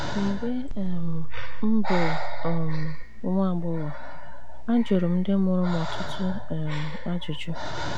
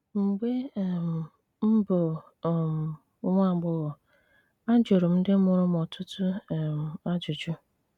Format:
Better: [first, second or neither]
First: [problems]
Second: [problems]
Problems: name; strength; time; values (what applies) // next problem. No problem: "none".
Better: second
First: background sound (Breathing); 5 dB above the speech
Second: none